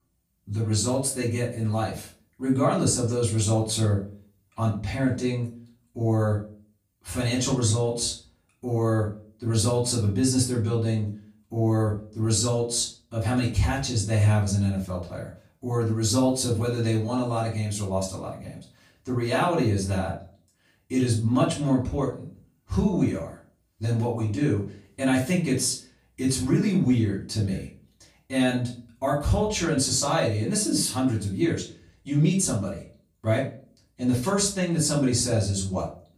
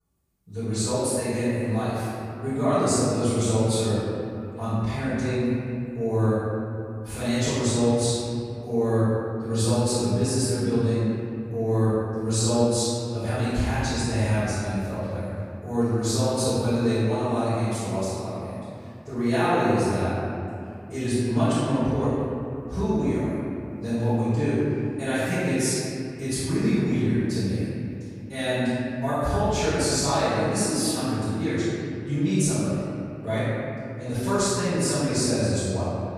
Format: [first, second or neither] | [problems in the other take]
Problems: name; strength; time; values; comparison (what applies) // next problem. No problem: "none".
first | room echo; strong; dies away in 2.6 s; slight in the first // off-mic speech; far; far in the first